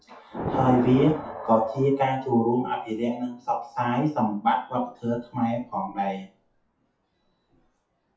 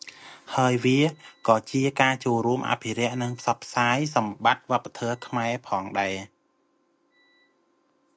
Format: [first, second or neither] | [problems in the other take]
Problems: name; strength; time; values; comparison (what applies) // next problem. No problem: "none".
second | noise reduction (classical method WPE with log-MMSE)